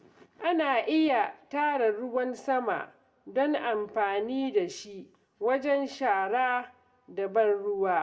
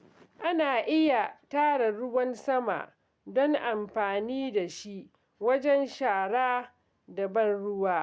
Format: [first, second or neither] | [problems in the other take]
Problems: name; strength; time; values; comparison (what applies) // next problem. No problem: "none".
second | room echo; dies away in 0.4 s